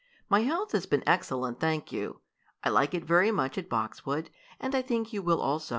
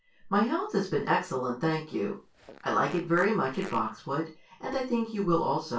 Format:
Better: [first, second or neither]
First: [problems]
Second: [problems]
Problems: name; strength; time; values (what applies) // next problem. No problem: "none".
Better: first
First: none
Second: background sound (Fart); 19 dB below the speech // room echo; dies away in 0.2 s